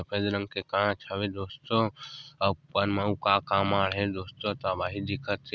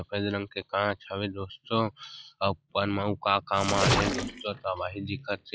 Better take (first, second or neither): first